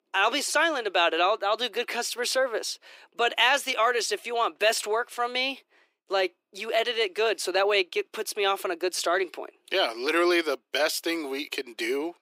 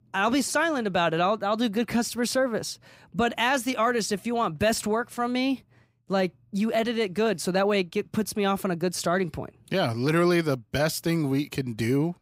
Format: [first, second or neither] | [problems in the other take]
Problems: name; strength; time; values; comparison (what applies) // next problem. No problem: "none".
second | thin; very; fading below 350 Hz